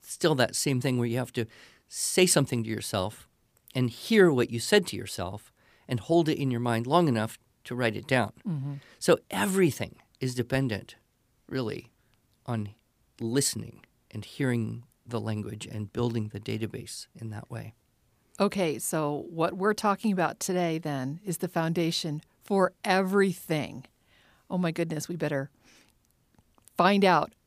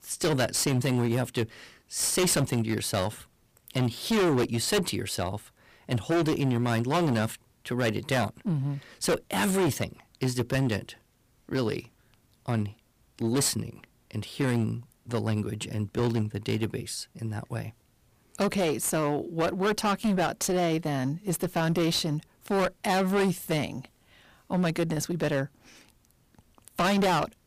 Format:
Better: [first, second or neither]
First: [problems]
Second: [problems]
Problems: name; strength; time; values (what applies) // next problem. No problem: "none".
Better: first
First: none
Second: distortion; heavy; 14% of the sound clipped